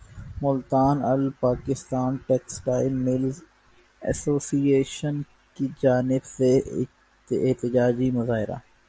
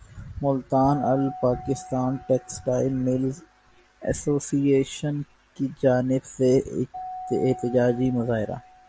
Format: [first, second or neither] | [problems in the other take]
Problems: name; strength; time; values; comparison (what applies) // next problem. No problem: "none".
first | background sound (Keyboard (musical)); 18 dB below the speech